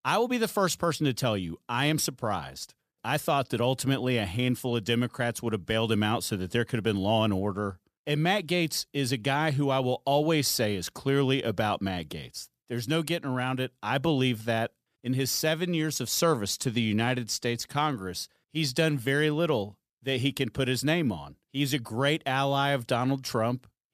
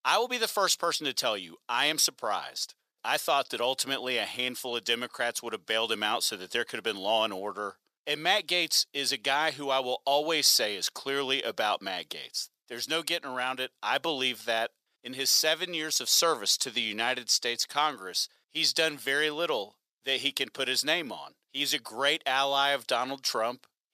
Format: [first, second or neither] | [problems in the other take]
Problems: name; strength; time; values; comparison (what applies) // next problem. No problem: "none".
first | thin; very; fading below 550 Hz